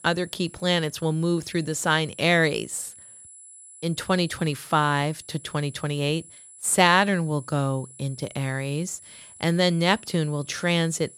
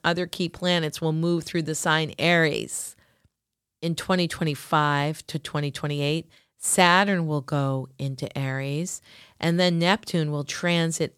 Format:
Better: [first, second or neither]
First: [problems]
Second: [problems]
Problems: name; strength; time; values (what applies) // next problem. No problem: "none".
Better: second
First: high-pitched whine; noticeable; throughout; 10 kHz, 20 dB below the speech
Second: none